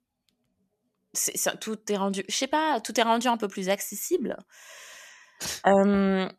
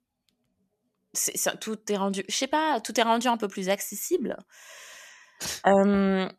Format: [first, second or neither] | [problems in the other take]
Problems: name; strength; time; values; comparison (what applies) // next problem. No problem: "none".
neither | none